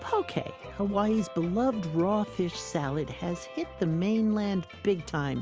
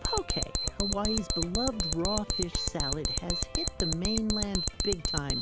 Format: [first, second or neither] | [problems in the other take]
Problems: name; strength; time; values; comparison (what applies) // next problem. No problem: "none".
first | background sound (Alarm); 2 dB above the speech